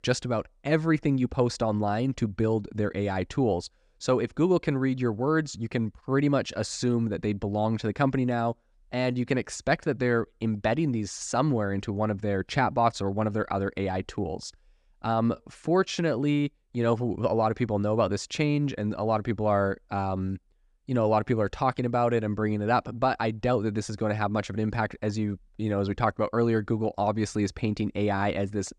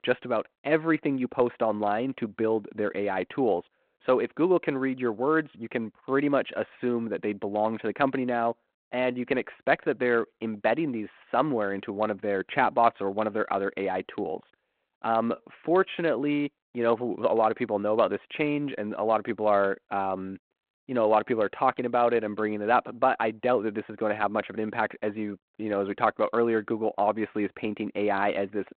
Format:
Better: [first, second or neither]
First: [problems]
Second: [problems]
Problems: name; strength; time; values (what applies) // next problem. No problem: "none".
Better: first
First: none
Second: phone-call audio; nothing above 4 kHz